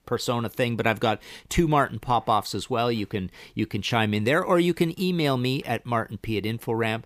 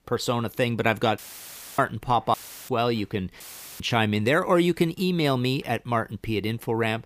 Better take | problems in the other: first | audio cutting out; filled with static; at 1 s for 0.5 s, at 2.5 s and at 3.5 s

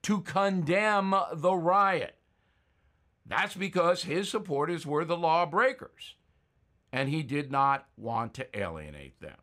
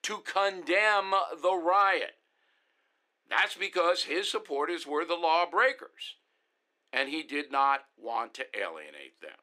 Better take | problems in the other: first | thin; somewhat; fading below 300 Hz

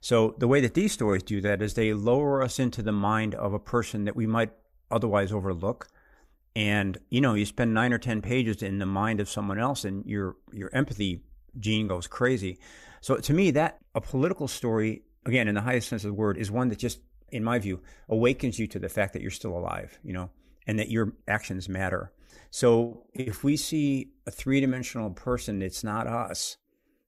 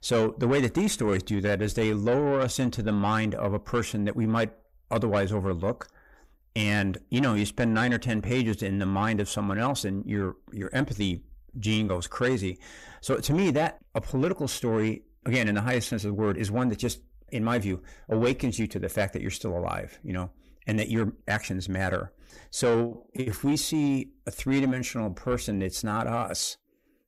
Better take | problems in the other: first | distortion; slight; 10 dB below the speech

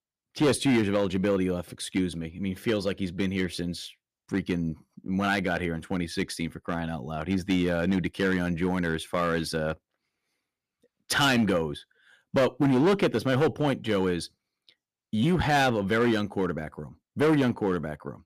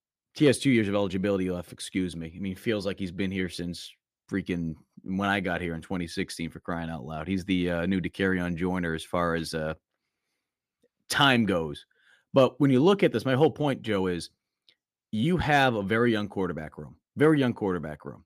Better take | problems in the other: second | distortion; slight; 5% of the sound clipped

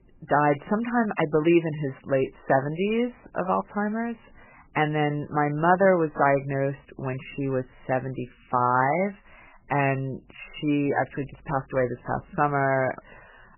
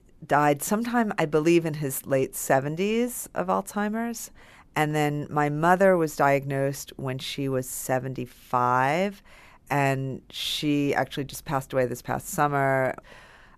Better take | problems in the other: second | garbled, watery; badly; nothing above 3 kHz

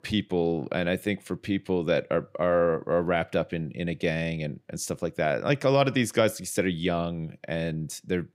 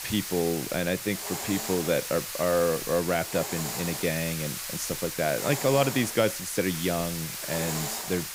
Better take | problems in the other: first | hiss; loud; throughout; 4 dB below the speech

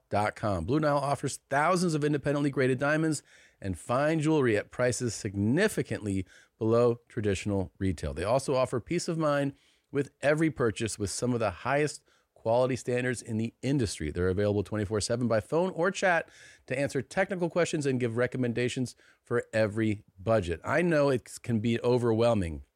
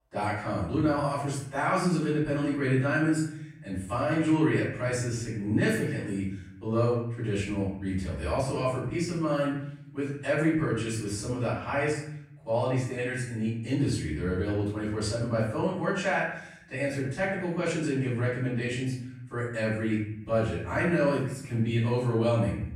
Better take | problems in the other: first | off-mic speech; far // room echo; noticeable; dies away in 0.7 s

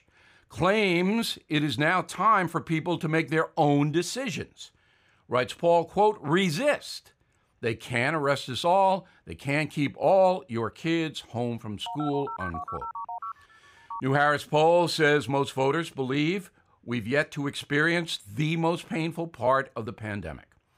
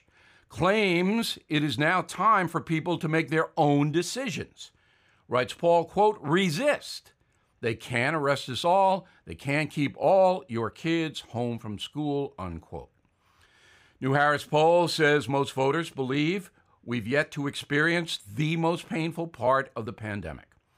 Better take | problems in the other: second | phone ringing; noticeable; from 12 to 14 s; peak 9 dB below the speech

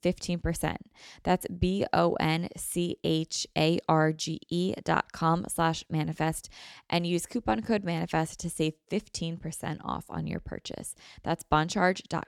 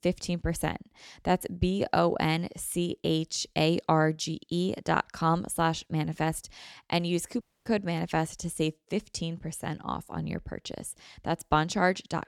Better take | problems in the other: first | audio cutting out; at 7.5 s

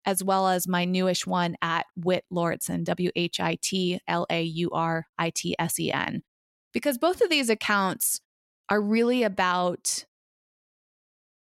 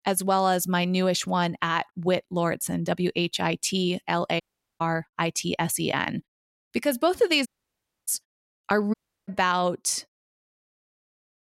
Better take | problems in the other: first | audio cutting out; at 4.5 s, at 7.5 s for 0.5 s and at 9 s

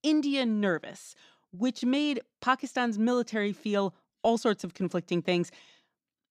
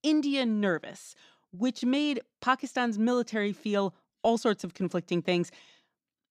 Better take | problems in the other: neither | none

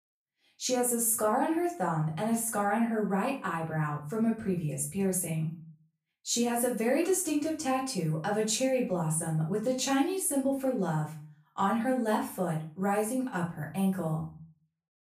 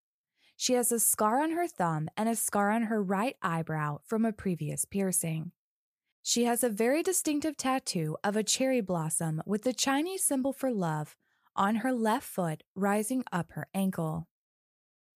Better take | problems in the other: second | off-mic speech; far // room echo; slight; dies away in 0.4 s

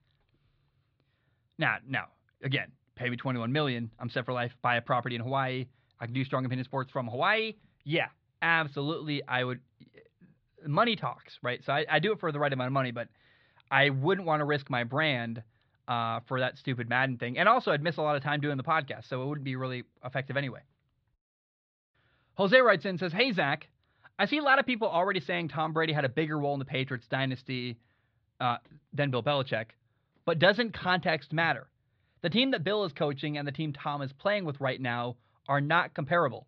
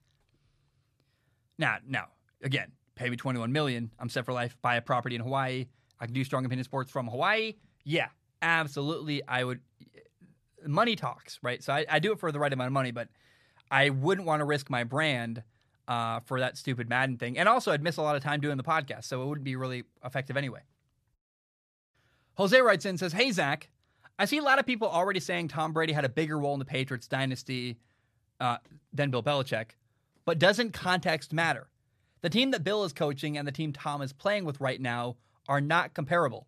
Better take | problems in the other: second | muffled; very slightly; fading above 4 kHz

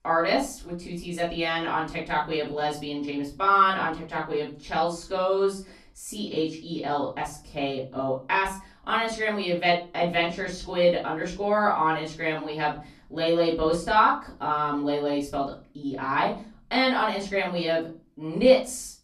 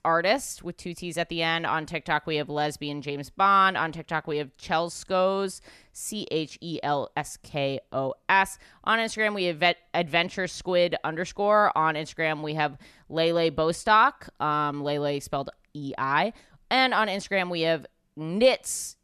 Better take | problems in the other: second | off-mic speech; far // room echo; slight; dies away in 0.3 s

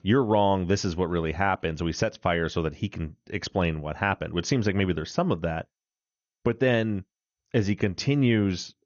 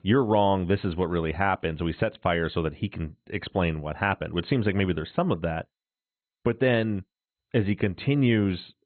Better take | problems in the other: first | garbled, watery; badly; nothing above 4 kHz; slightly in the first

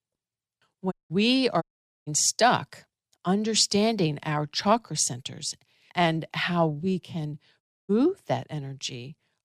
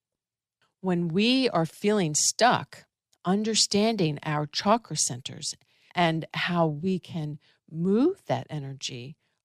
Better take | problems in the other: second | audio cutting out; at 1 s, at 1.5 s and at 7.5 s

